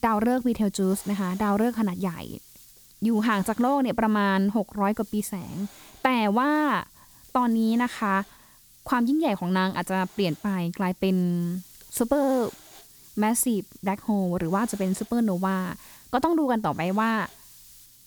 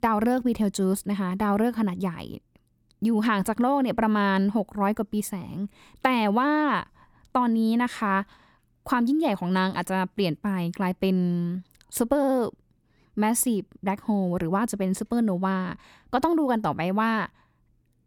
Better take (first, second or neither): second